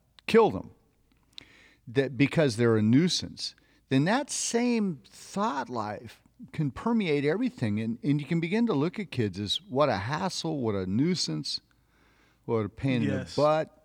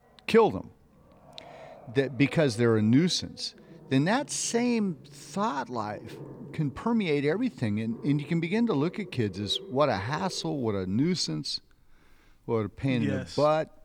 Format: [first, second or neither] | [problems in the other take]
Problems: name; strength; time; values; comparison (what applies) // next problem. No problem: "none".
first | animal sounds; faint; throughout; 20 dB below the speech